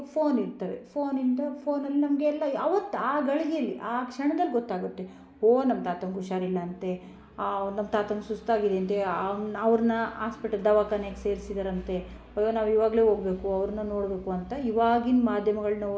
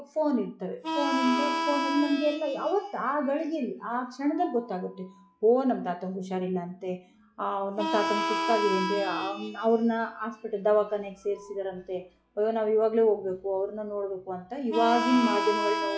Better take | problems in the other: first | noise reduction (classical method log-MMSE)

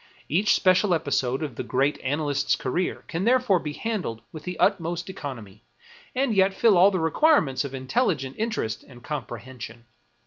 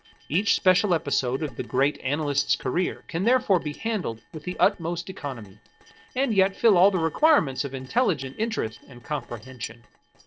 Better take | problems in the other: first | noise reduction (neural separator model SepFormer DNS4)

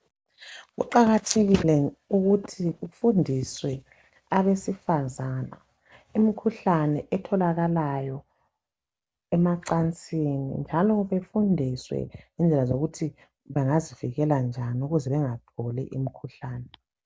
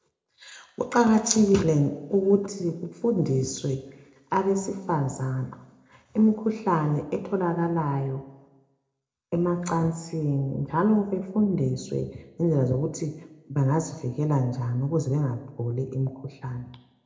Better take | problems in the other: first | room echo; dies away in 0.5 s

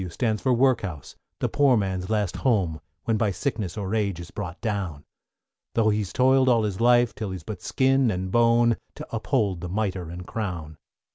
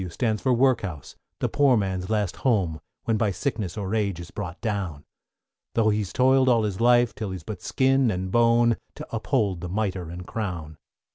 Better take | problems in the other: second | background sound (Bass drum); 18 dB below the speech

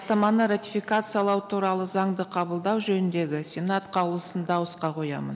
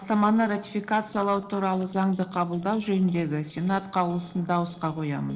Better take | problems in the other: first | noise reduction (neural separator model SepFormer DNS4)

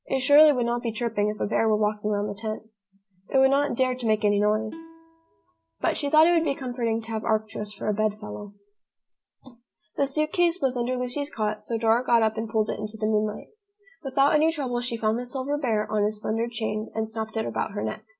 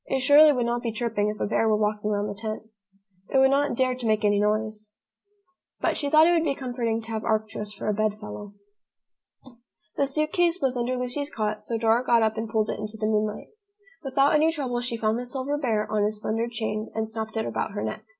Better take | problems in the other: second | background sound (Plucked string instrument); 20 dB below the speech

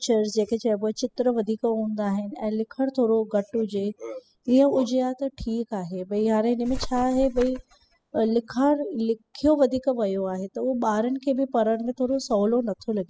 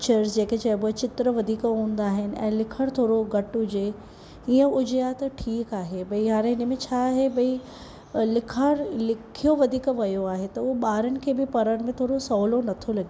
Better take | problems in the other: second | noise reduction (classical method spectral subtraction)

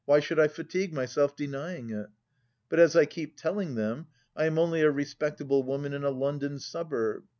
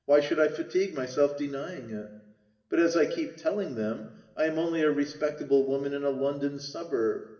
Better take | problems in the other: first | room echo; dies away in 0.9 s

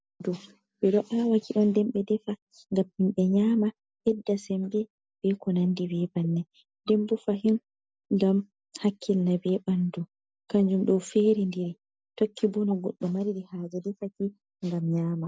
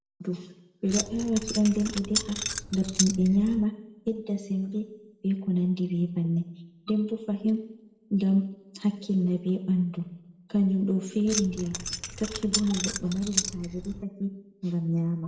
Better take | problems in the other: first | background sound (Keys jangling); 5 dB below the speech // room echo; dies away in 0.8 s

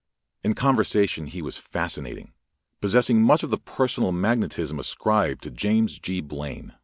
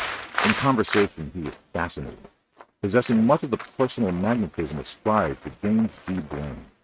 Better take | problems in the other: first | noise reduction (neural mask model RNNoise)

